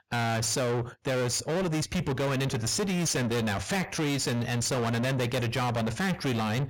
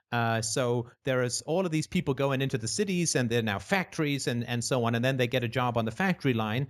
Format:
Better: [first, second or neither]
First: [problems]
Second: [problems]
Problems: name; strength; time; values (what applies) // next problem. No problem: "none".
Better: second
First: distortion; heavy; 6 dB below the speech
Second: none